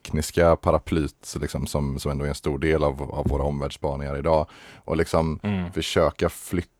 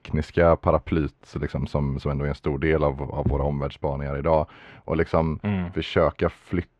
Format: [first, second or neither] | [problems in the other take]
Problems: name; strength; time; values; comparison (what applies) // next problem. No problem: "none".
first | muffled; slightly; fading above 2.5 kHz